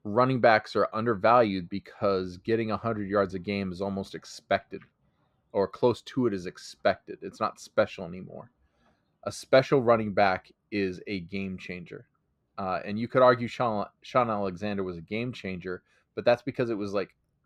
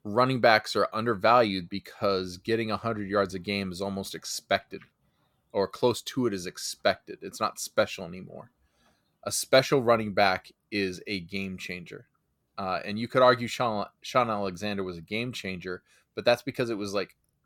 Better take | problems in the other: second | muffled; slightly; fading above 1.5 kHz

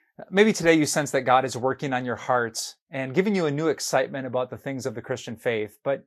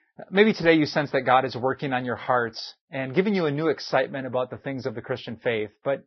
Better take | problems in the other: first | garbled, watery; badly; nothing above 5.5 kHz; slightly in the first

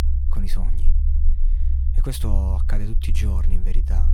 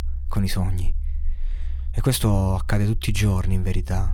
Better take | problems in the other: second | low rumble; loud; throughout; 6 dB below the speech; faint in the second

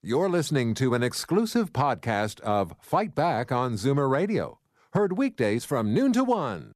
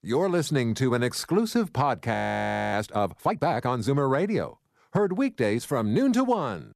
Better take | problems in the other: first | audio freezing; at 2 s for 0.5 s

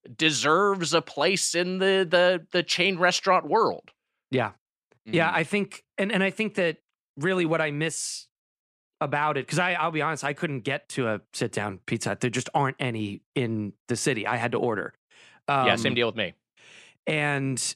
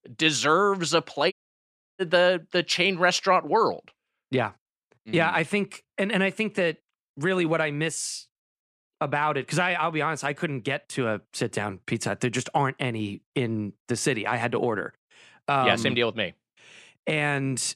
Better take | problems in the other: first | audio cutting out; at 1.5 s for 0.5 s

